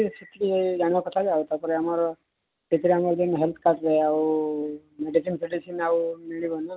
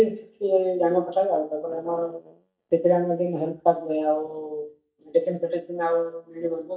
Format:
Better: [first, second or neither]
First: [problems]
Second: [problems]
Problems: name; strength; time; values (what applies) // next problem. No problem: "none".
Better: first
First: none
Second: noise reduction (neural mask model DeepFilterNet 3)